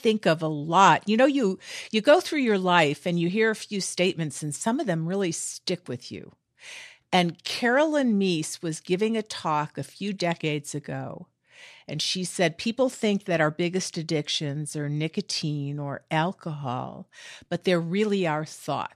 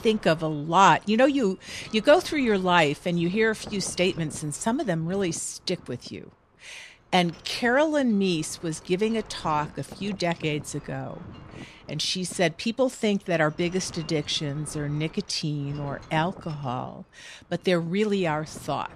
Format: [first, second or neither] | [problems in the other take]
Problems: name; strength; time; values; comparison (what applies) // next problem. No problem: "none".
first | wind noise on the microphone; occasional gusts; 25 dB below the speech